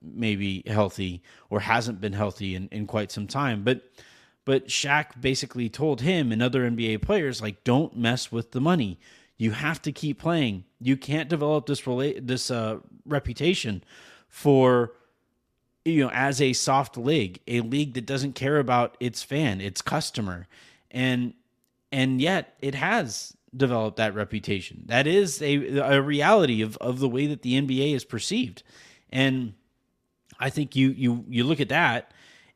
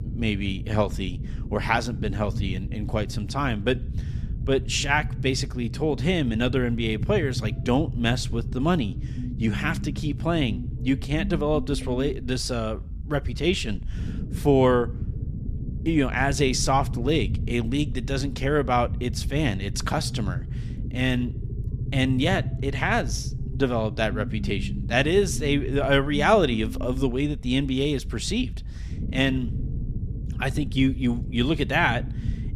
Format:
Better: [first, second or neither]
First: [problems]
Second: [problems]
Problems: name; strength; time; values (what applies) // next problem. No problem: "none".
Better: first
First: none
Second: low rumble; noticeable; throughout; 15 dB below the speech